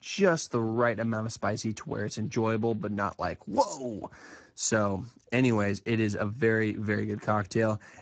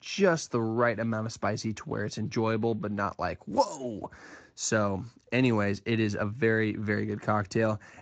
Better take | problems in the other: second | garbled, watery; badly; nothing above 7.5 kHz; slightly in the second

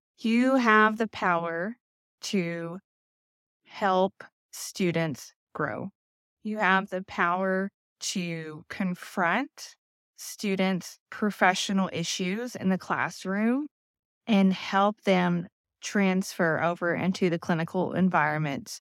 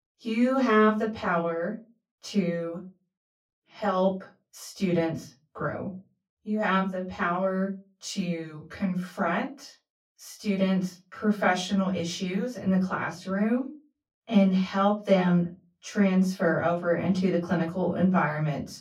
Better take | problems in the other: first | off-mic speech; far // room echo; very slight; dies away in 0.3 s

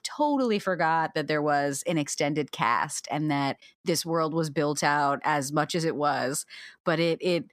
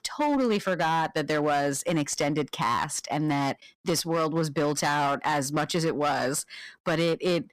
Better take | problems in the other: first | distortion; slight; 13% of the sound clipped

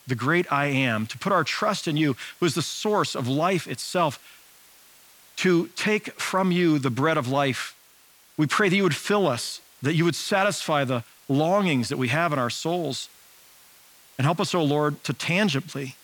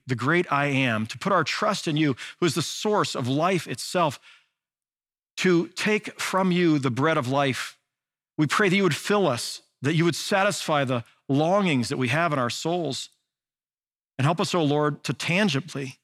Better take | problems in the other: second | hiss; faint; throughout; 25 dB below the speech

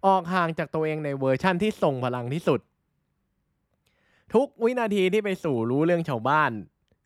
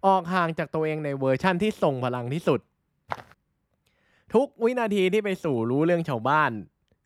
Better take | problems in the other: first | footsteps; faint; at 3 s; peak 15 dB below the speech

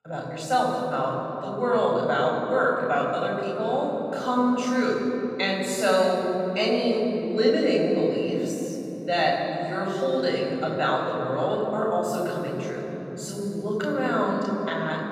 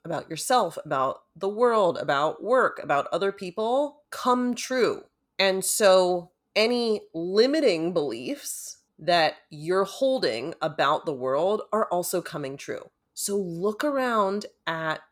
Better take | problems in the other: second | room echo; strong; dies away in 3 s // off-mic speech; far

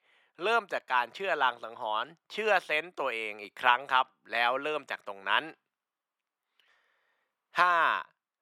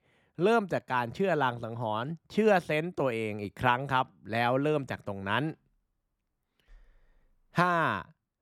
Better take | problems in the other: second | thin; very; fading below 500 Hz

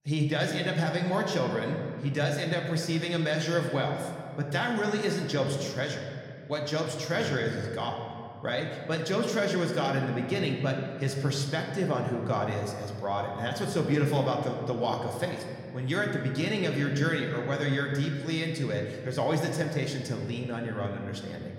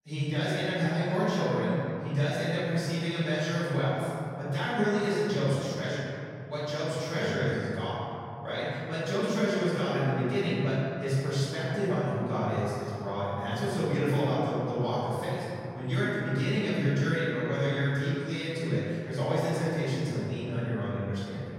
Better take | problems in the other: first | room echo; strong; dies away in 2.7 s; slight in the first // off-mic speech; far

